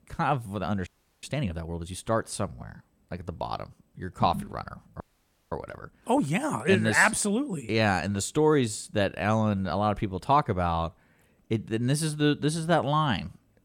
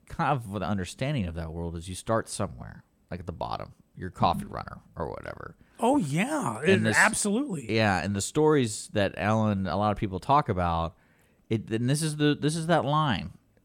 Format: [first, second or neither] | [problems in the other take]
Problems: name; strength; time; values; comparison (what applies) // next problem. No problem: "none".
second | audio freezing; at 1 s and at 5 s for 0.5 s